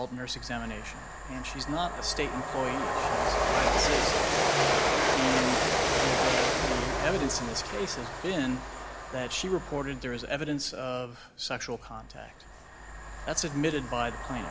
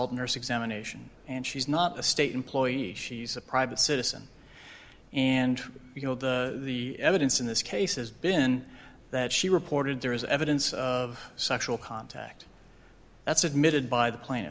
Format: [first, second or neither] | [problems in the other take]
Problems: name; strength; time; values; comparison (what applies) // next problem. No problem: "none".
second | background sound (Train); 3 dB above the speech